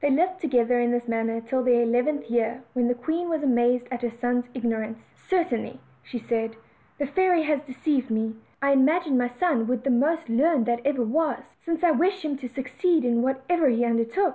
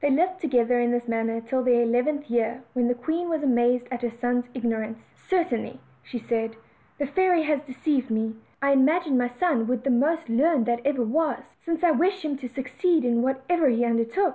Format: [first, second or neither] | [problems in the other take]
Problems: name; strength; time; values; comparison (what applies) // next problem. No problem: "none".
second | background sound (Telephone); 18 dB below the speech